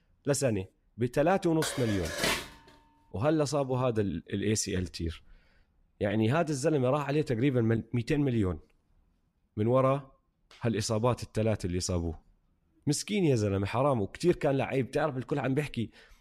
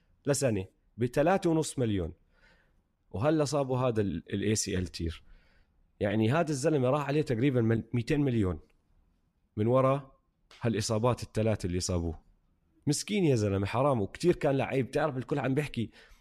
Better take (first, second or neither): second